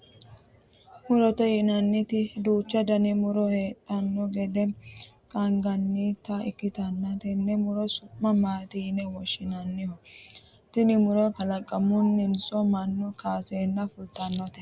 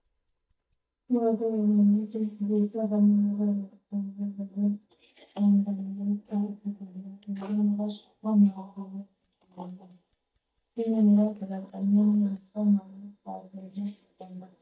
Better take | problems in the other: first | noise reduction (neural mask model DeepFilterNet 3)

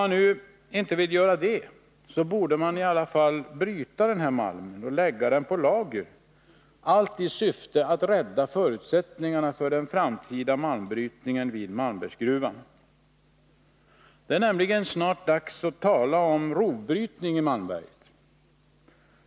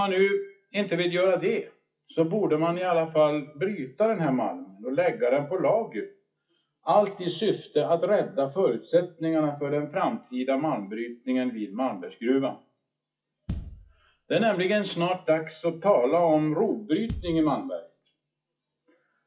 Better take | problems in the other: first | noise reduction (classical method WPE with log-MMSE)

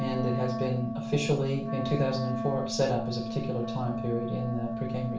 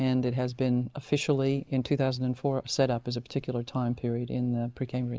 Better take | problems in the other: second | background sound (Wind instrument, woodwind instrument); 4 dB below the speech // room echo; dies away in 0.4 s

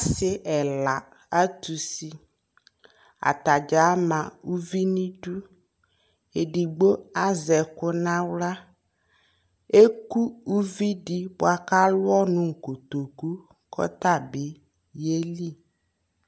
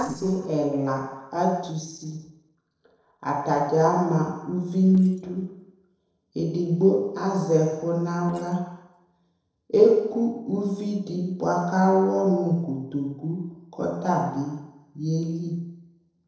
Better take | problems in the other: first | noise reduction (neural separator model SepFormer DNS4)

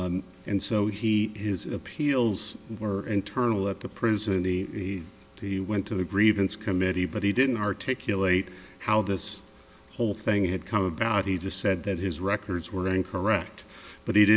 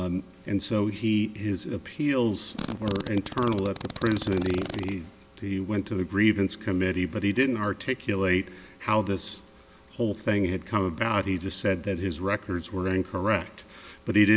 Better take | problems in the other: first | background sound (Fart); 11 dB below the speech

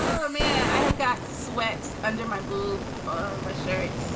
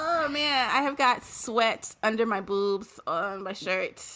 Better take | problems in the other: second | background sound (Fire); as loud as the speech // room echo; dies away in 0.4 s

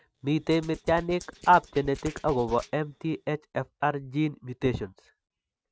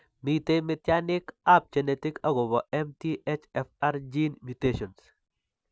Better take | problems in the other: second | noise reduction (neural mask model RNNoise)

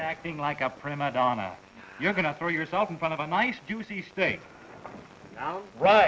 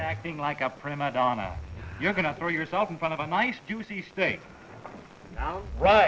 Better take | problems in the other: first | background sound (Ocean); 15 dB below the speech

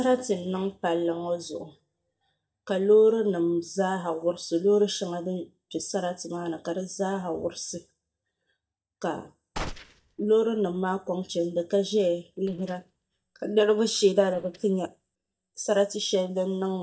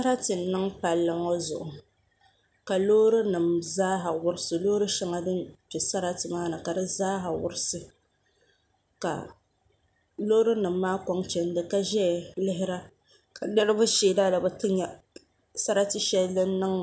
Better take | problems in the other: second | noise reduction (neural mask model DeepFilterNet 3)

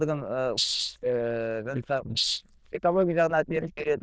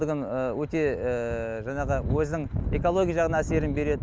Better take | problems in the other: second | noise reduction (neural diffusion model UNIVERSE++)

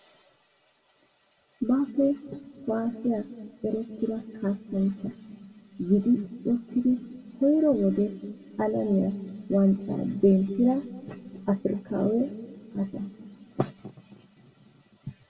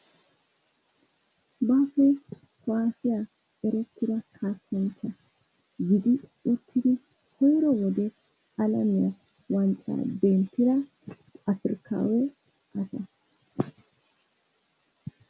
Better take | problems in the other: second | room echo; dies away in 2.2 s

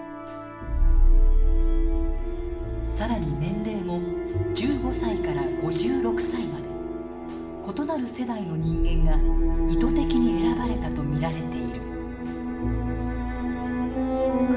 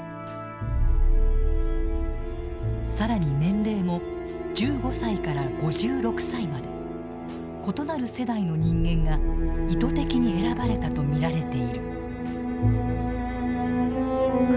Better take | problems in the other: second | background sound (Bowed string instrument); 15 dB below the speech // room echo; dies away in 0.9 s

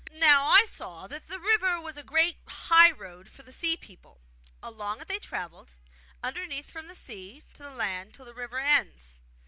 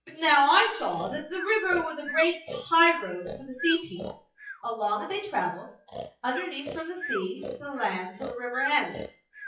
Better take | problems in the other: first | noise reduction (classical method WPE with log-MMSE)

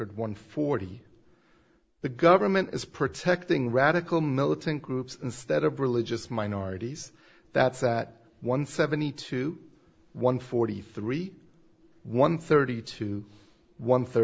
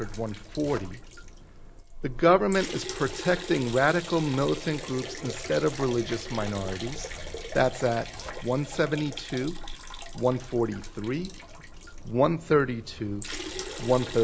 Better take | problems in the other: first | background sound (Zipper (clothing) + Liquid); 10 dB below the speech

